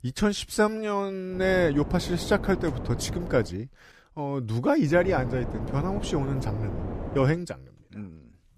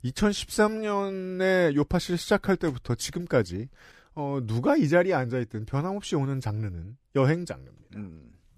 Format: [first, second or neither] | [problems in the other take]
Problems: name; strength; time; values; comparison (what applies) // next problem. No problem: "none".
second | wind noise on the microphone; occasional gusts; from 1.5 to 3.5 s and from 5 to 7.5 s; 10 dB below the speech